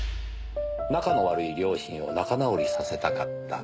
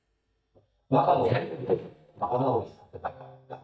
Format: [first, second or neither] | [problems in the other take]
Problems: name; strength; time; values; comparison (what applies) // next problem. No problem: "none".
first | noise reduction (neural mask model DeepFilterNet 3)